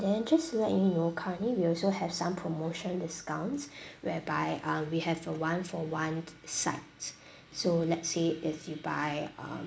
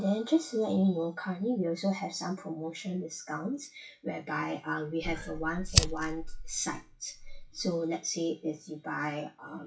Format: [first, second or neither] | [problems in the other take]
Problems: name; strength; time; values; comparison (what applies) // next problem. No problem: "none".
first | noise reduction (classical method WPE with log-MMSE)